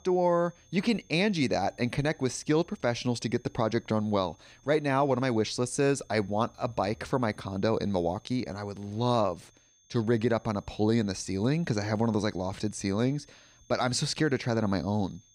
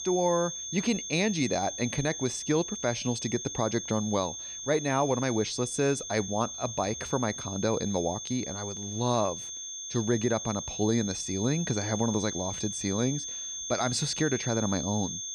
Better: first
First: high-pitched whine; faint; throughout; 6.5 kHz, 30 dB below the speech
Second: high-pitched whine; loud; throughout; 6.5 kHz, 5 dB below the speech

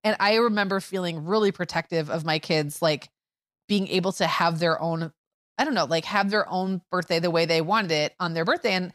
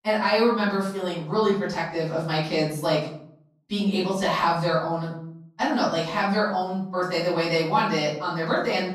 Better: first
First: none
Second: off-mic speech; far // room echo; noticeable; dies away in 0.5 s

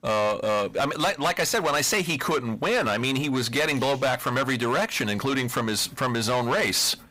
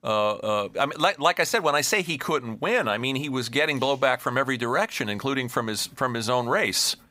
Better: second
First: distortion; heavy; 7 dB below the speech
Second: none

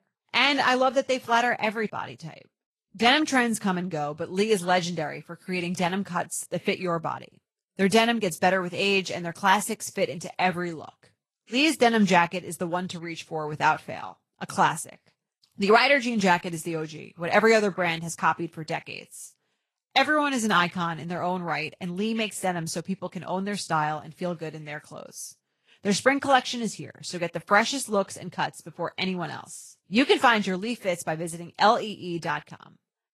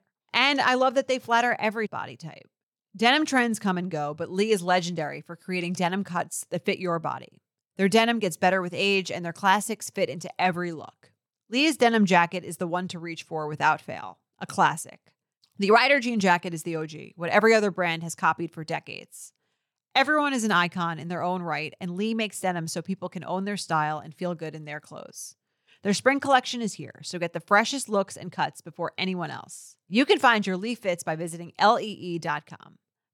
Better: second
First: garbled, watery; slightly; nothing above 12 kHz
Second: none

